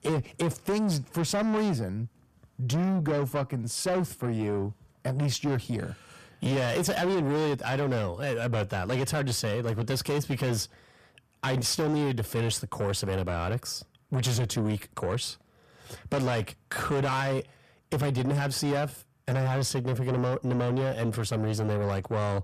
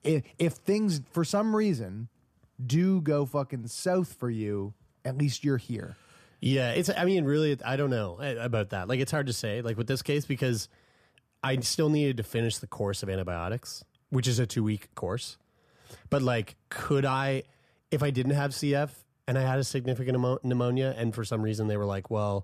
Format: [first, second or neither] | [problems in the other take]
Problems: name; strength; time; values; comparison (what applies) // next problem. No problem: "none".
second | distortion; heavy; 8 dB below the speech